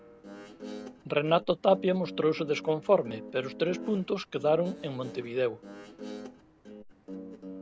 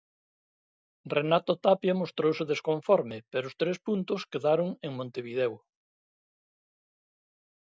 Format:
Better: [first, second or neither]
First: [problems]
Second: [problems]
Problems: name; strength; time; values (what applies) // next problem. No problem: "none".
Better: second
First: background sound (Guitar); 14 dB below the speech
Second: none